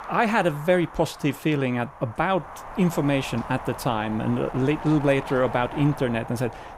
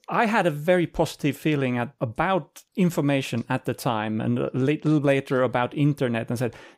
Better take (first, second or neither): second